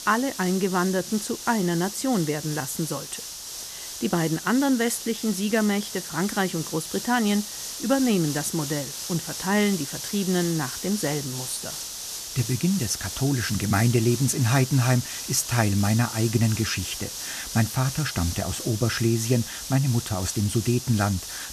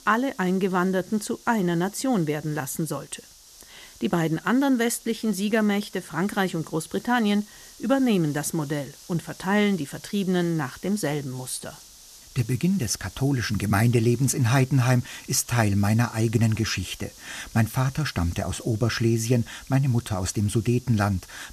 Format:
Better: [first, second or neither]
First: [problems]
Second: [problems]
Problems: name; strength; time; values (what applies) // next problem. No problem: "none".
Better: second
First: hiss; loud; throughout; 7 dB below the speech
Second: hiss; faint; throughout; 20 dB below the speech